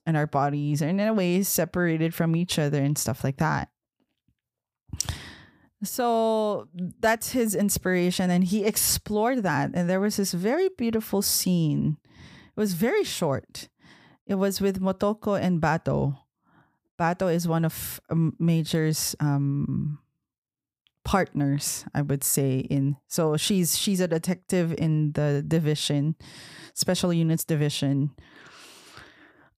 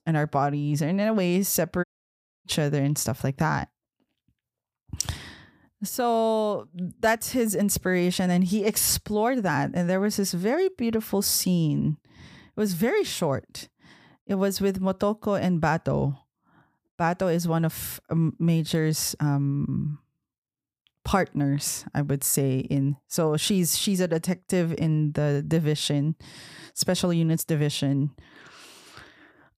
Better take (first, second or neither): first